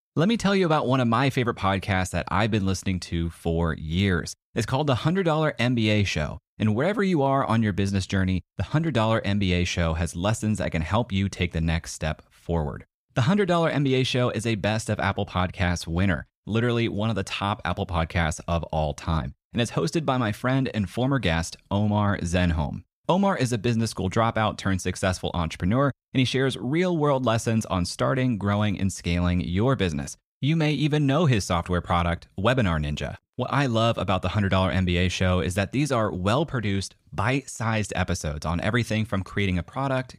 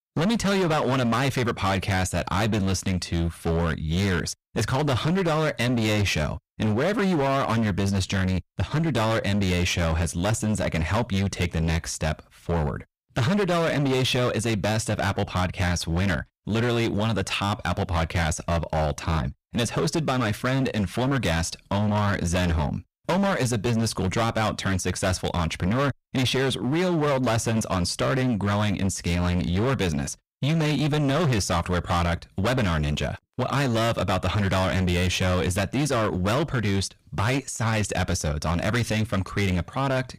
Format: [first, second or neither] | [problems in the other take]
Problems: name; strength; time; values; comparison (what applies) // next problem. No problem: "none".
first | distortion; heavy; 25% of the sound clipped